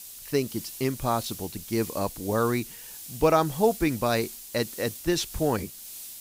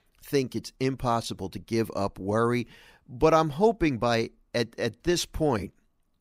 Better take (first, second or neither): second